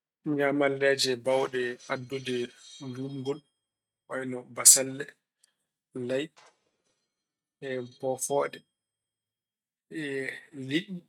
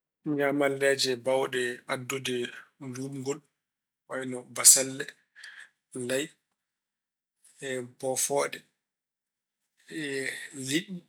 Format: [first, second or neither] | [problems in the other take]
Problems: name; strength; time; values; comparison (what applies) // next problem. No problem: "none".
second | noise reduction (neural mask model RNNoise)